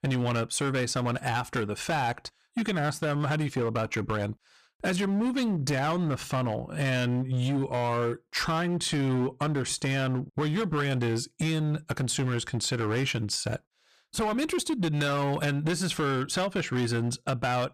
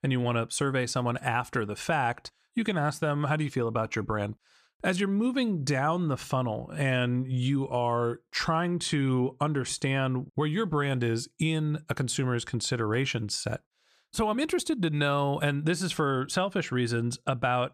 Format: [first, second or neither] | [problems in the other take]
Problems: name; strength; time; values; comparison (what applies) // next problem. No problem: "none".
second | distortion; slight; 17% of the sound clipped